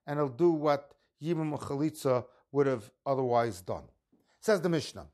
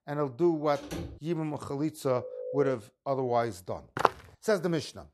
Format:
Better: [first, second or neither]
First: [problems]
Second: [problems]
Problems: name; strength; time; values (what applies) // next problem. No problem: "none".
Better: first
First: none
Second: door banging; noticeable; at 1 s; peak 8 dB below the speech // phone ringing; noticeable; at 2 s; peak 6 dB below the speech // footsteps; loud; at 4 s; peak 2 dB above the speech